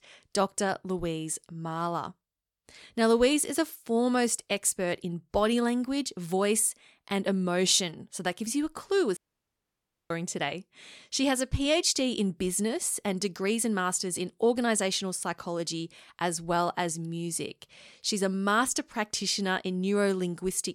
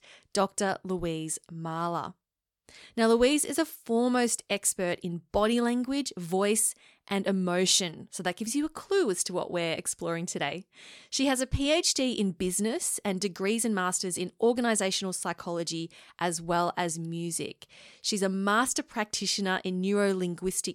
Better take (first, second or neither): second